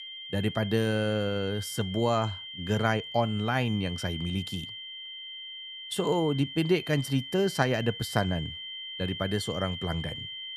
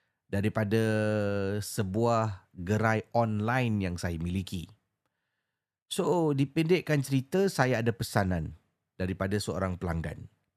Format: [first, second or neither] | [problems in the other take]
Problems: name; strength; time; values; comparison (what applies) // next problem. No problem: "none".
second | high-pitched whine; loud; throughout; 3 kHz, 9 dB below the speech